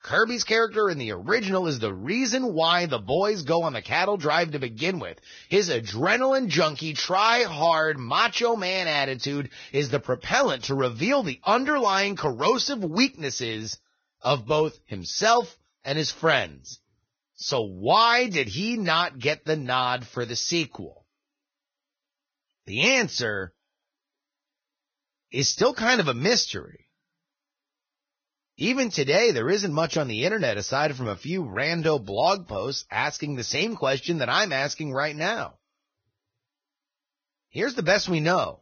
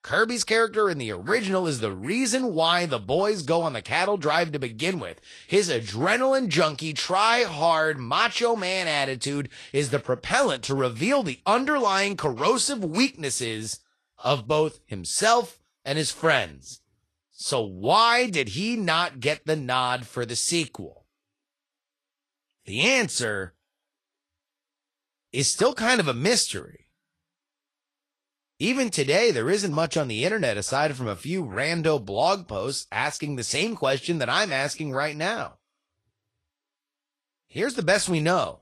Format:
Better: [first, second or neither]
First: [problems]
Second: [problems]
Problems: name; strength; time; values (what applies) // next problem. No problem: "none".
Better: second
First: garbled, watery; badly; nothing above 6.5 kHz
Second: garbled, watery; slightly